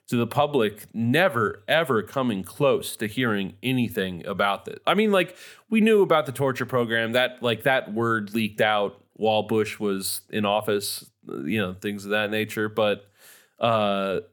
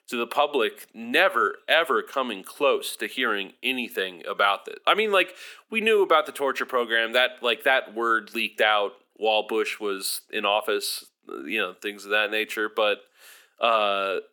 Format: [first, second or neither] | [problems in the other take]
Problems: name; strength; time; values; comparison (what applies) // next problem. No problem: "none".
first | thin; somewhat; fading below 300 Hz